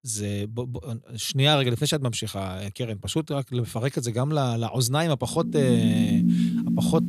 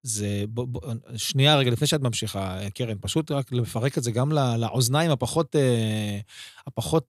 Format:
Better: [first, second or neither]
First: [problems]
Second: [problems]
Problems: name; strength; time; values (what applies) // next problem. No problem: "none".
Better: second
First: background music; very loud; from 5.5 s on; 2 dB above the speech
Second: none